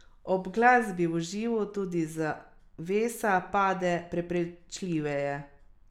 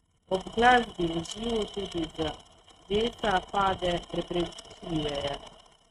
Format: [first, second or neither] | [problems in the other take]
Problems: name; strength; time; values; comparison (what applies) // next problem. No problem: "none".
first | noise reduction (neural mask model RNNoise)